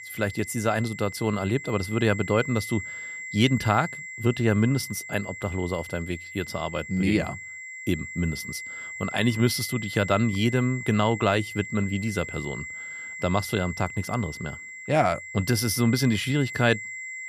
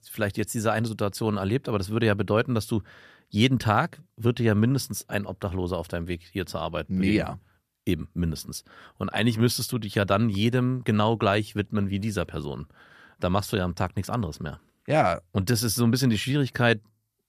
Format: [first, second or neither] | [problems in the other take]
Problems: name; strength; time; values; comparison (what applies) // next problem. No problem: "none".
second | high-pitched whine; loud; throughout; 2 kHz, 10 dB below the speech